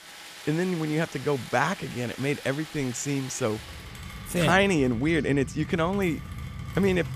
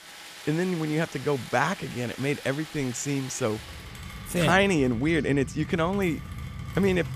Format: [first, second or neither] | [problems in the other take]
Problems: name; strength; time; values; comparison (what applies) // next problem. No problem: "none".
neither | rain or running water; noticeable; throughout; 15 dB below the speech; the same in both